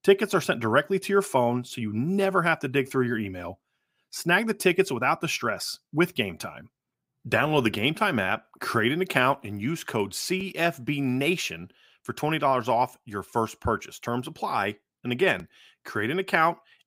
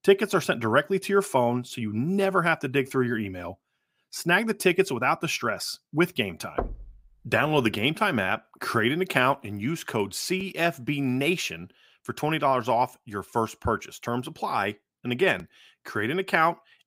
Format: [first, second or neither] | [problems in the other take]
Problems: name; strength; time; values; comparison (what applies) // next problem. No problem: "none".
first | door banging; noticeable; at 6.5 s; peak 8 dB below the speech